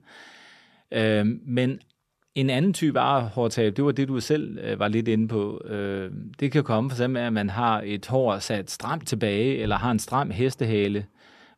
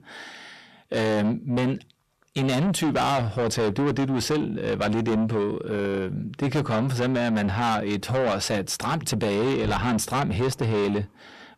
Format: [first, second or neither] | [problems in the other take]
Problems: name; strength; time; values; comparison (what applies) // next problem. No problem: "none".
first | distortion; heavy; 6 dB below the speech